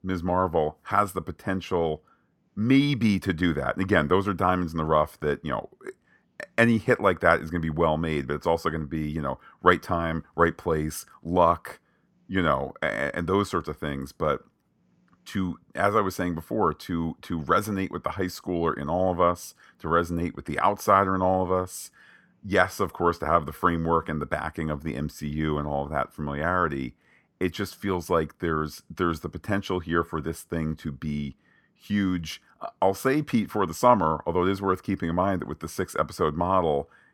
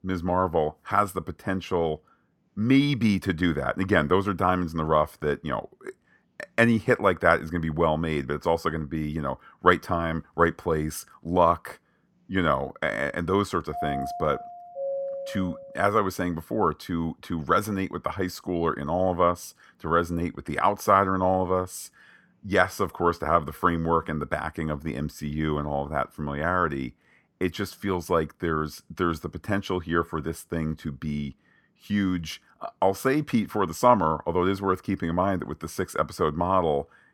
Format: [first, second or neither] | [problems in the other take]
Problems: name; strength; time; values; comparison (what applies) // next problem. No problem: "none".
first | doorbell; noticeable; from 14 to 16 s; peak 5 dB below the speech